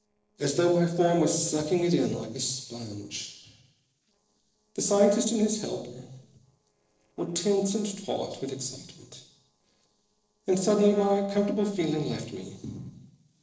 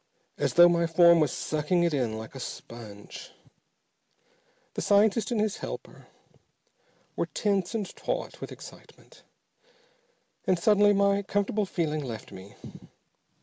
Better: second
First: noise reduction (neural separator model SepFormer DNS4)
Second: none

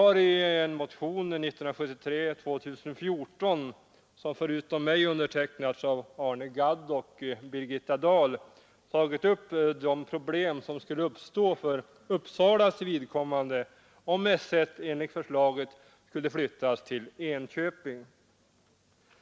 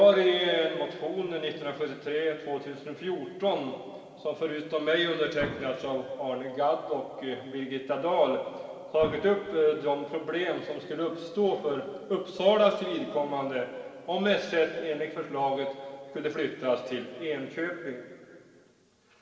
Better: first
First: none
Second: background sound (Explosion); 13 dB below the speech // room echo; dies away in 2.2 s

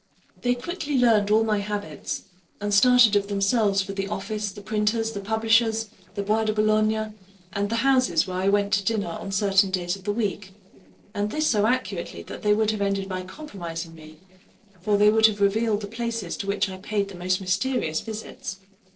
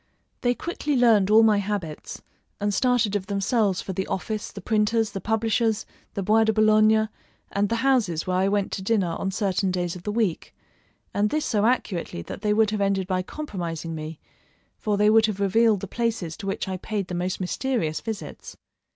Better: second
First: noise reduction (neural separator model SepFormer DNS4)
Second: none

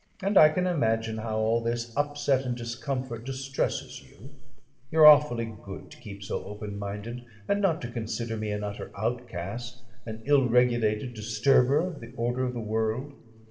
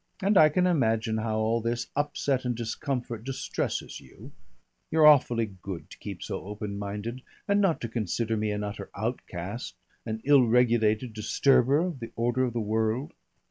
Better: second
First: background sound (Chewing, mastication); 19 dB below the speech // room echo; dies away in 2.6 s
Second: none

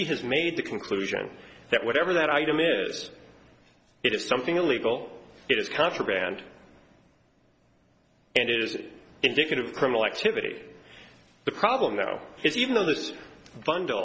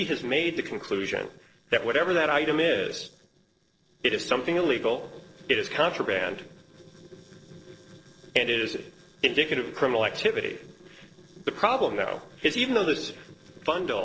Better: first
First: none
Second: noise reduction (neural separator model SepFormer DNS4)

